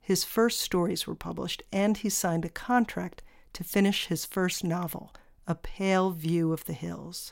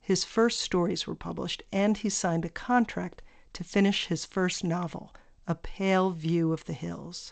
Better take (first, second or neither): first